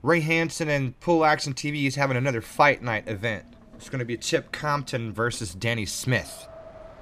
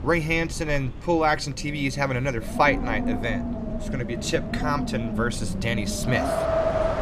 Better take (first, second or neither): first